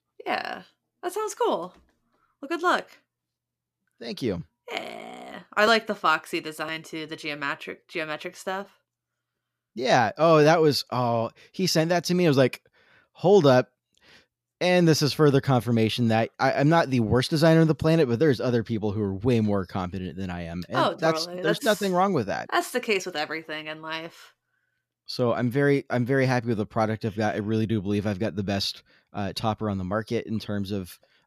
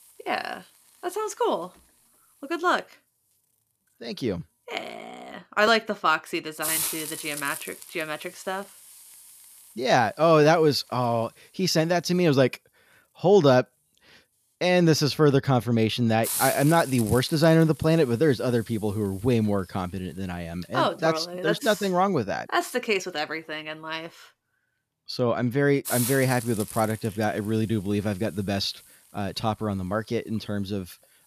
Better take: first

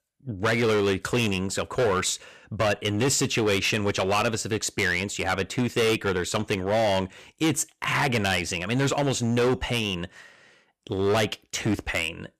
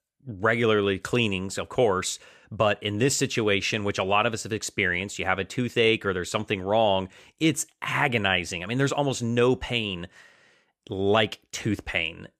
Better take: second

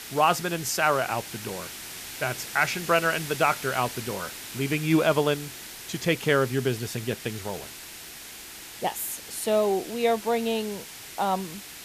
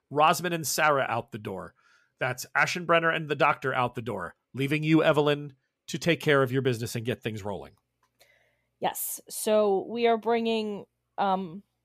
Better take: second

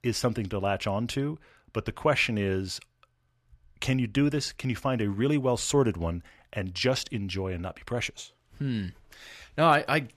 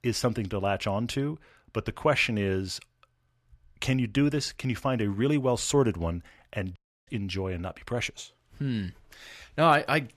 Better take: first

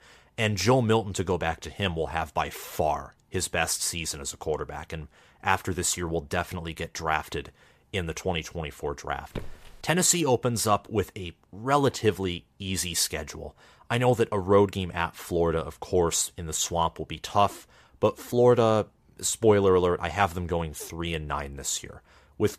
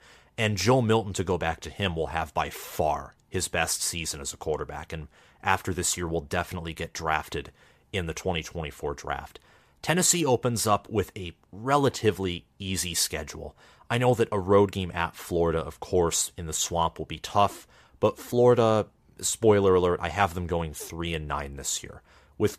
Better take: second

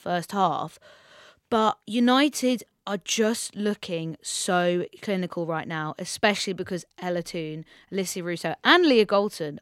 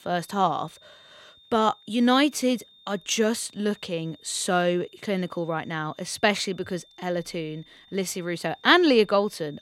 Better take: first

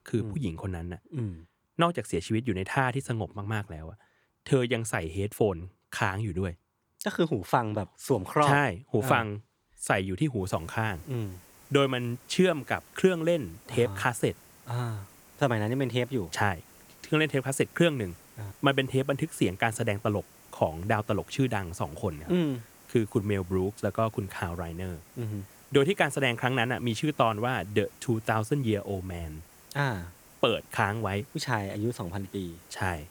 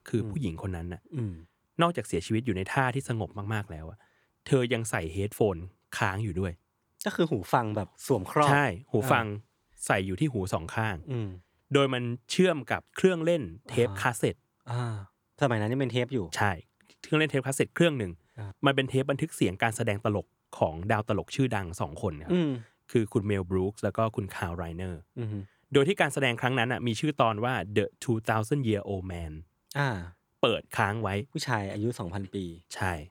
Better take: second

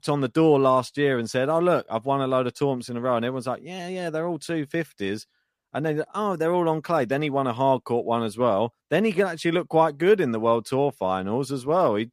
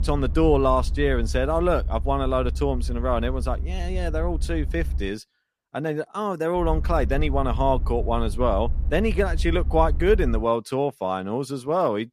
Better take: first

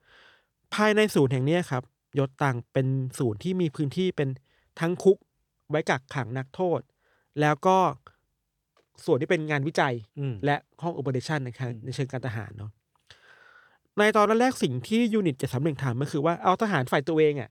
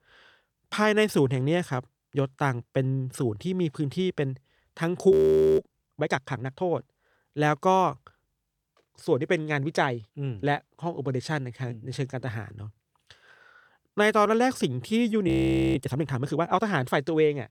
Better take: first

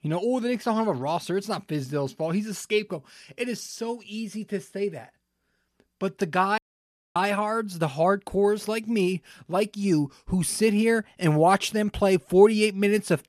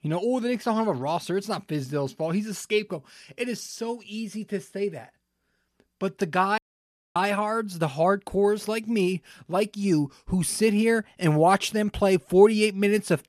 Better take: neither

